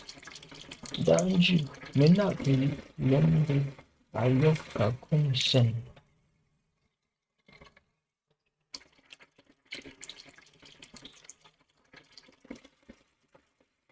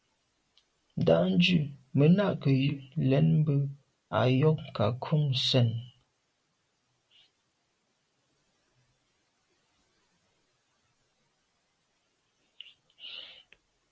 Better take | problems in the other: second | noise reduction (neural mask model RNNoise)

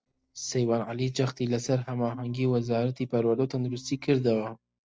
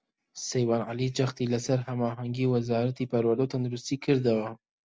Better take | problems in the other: second | noise reduction (neural separator model SepFormer DNS4)

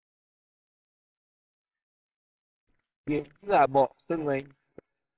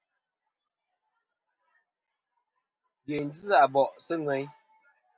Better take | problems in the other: second | noise reduction (neural separator model SepFormer WHAMR!)

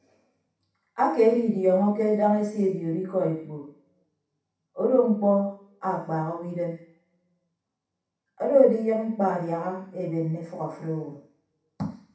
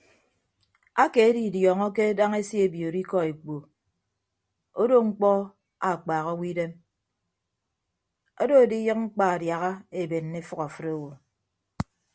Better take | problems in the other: second | room echo; dies away in 0.7 s

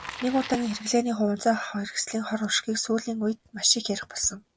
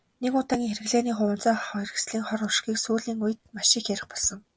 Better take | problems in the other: second | background sound (Bicycle); 19 dB below the speech

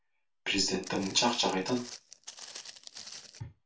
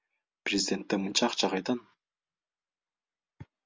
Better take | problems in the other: second | background sound (Walk, footsteps); 13 dB below the speech // room echo; dies away in 0.3 s

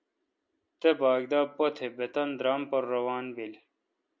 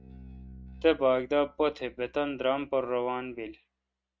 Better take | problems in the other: first | noise reduction (neural mask model RNNoise)

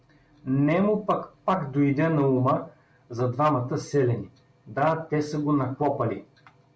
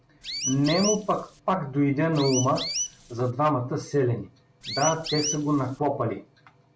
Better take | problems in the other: first | background sound (Chirp, tweet); 6 dB below the speech

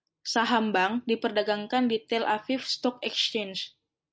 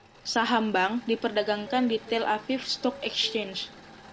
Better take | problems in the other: first | background sound (Subway, metro, underground + Engine / Mechanisms); 17 dB below the speech

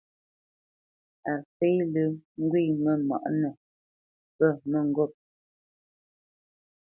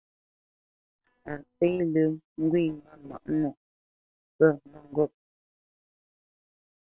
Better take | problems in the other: first | noise reduction (neural separator model SepFormer WHAM!)

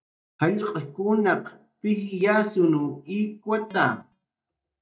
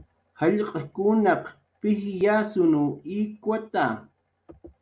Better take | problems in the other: second | noise reduction (neural mask model DeepFilterNet 3)

